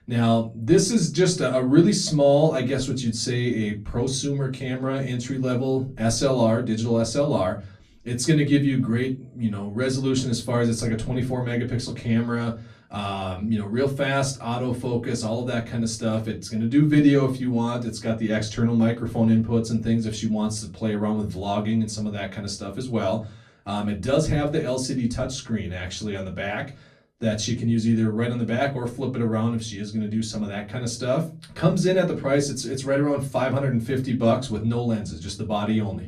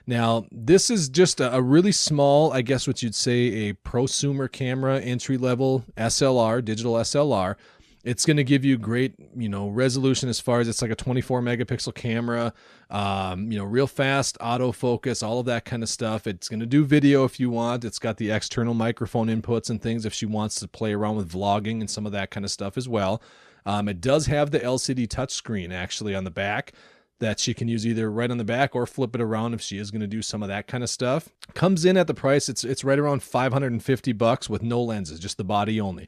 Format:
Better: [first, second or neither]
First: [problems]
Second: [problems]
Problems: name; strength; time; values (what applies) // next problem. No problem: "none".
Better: second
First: off-mic speech; far // room echo; very slight; dies away in 0.3 s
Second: none